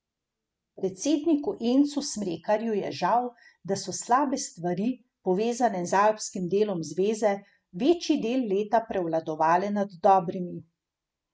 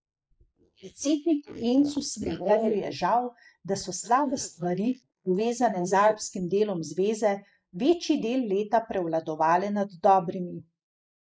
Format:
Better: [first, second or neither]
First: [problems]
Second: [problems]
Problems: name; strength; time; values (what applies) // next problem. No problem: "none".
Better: first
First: none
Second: noise reduction (neural mask model Resemble Enhance denoiser)